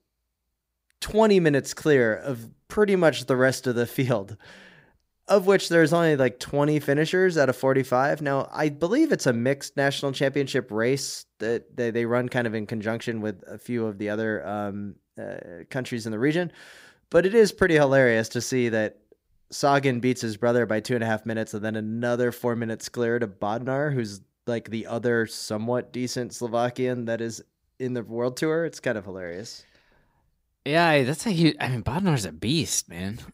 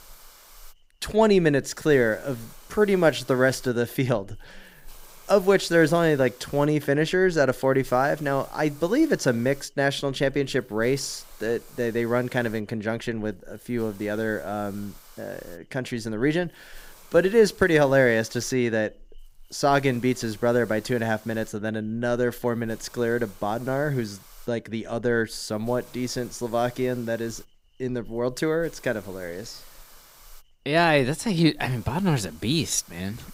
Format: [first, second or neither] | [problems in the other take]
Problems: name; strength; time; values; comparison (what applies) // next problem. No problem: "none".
first | hiss; faint; throughout; 25 dB below the speech